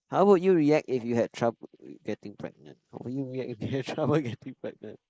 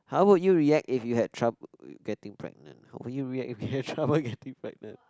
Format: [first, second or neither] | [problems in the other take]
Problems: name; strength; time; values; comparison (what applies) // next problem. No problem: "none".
second | noise reduction (neural mask model Resemble Enhance denoiser)